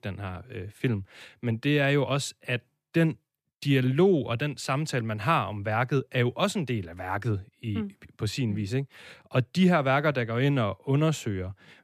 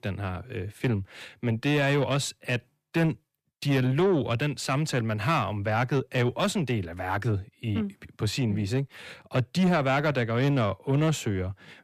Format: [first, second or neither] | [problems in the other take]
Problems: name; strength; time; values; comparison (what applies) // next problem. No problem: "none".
first | distortion; slight; 10 dB below the speech